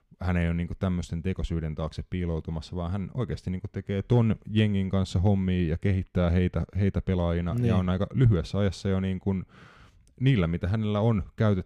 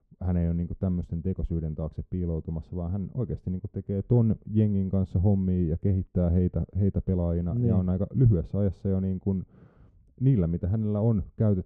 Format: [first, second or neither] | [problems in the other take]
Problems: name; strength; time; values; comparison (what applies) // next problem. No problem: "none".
first | muffled; very; fading above 1 kHz